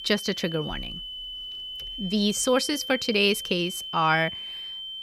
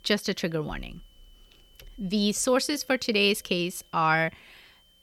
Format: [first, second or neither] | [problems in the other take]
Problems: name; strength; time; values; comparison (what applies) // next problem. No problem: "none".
second | high-pitched whine; loud; throughout; 3 kHz, 9 dB below the speech; faint in the second